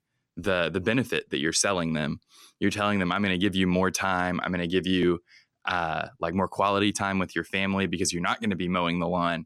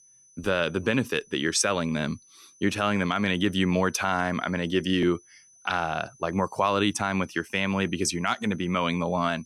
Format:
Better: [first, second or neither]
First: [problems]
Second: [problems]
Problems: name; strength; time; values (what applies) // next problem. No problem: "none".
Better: first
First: none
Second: high-pitched whine; faint; throughout; 6 kHz, 30 dB below the speech